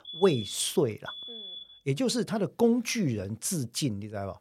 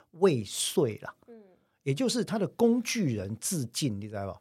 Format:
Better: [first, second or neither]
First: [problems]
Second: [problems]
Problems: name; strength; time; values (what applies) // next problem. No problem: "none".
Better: second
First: alarm; noticeable; until 2 s; peak 9 dB below the speech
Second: none